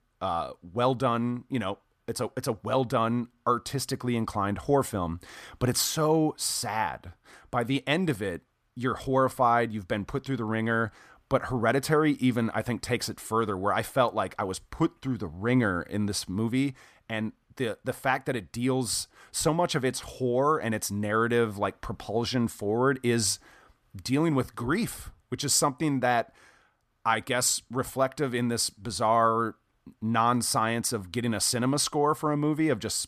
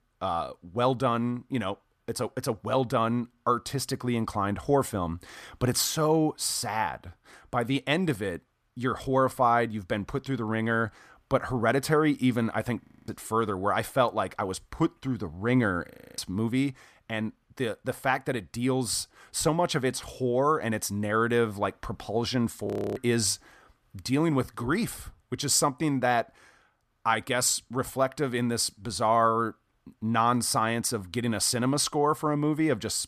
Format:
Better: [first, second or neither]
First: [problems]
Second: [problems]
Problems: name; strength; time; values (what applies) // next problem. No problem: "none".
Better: first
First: none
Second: audio freezing; at 13 s, at 16 s and at 23 s